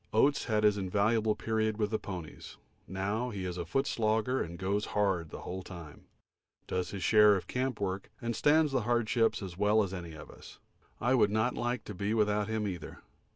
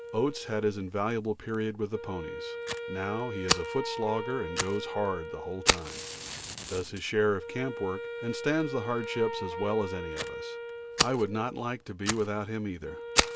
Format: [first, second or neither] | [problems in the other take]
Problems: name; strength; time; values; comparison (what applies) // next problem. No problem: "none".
first | background sound (Fire + Wind instrument, woodwind instrument); 2 dB below the speech